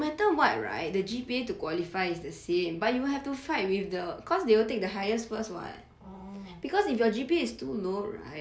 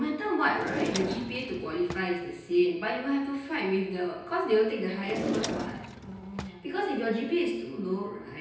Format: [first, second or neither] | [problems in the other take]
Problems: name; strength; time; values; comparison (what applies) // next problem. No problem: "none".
first | background sound (Drawer open or close); 6 dB below the speech // room echo; dies away in 0.9 s